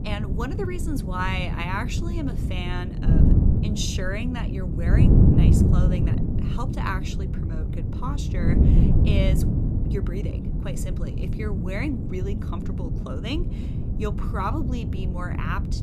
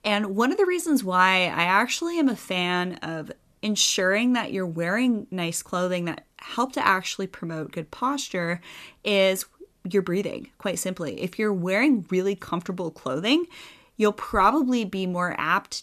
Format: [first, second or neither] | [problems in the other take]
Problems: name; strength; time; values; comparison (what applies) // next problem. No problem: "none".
second | wind noise on the microphone; heavy; 2 dB below the speech